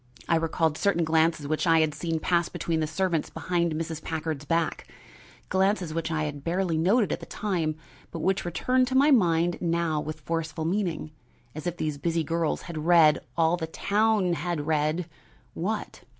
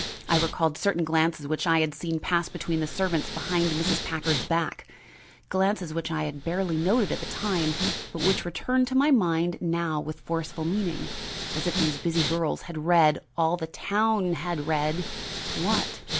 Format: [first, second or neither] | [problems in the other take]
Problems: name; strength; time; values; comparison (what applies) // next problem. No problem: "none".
first | background sound (Respiratory sounds); 8 dB below the speech